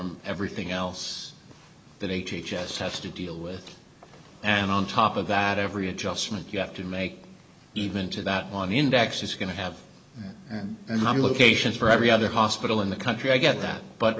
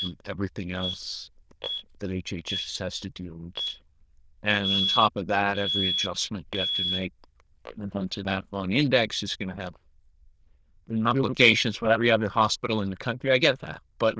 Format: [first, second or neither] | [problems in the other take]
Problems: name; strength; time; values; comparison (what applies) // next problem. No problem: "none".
first | noise reduction (neural diffusion model UNIVERSE++)